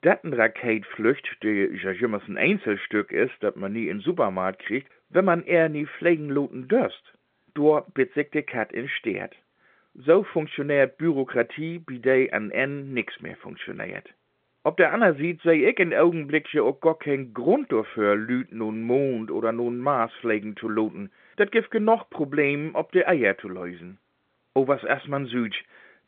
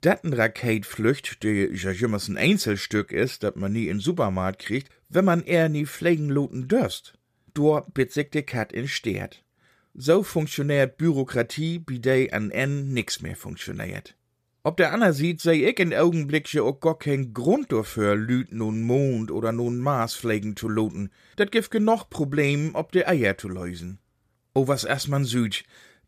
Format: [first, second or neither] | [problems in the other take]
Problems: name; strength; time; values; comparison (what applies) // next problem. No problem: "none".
second | phone-call audio